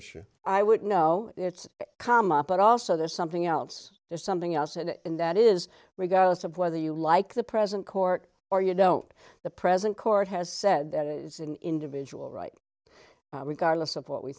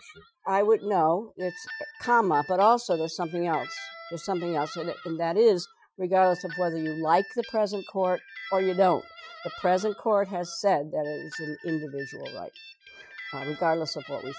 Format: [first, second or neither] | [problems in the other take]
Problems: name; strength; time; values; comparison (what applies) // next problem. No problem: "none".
first | noise reduction (classical method Wiener filter)